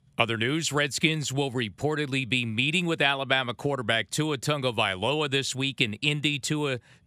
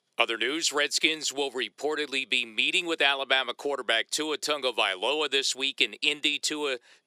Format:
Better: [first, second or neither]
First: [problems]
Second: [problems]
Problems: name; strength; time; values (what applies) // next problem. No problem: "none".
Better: first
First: none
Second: thin; somewhat; fading below 350 Hz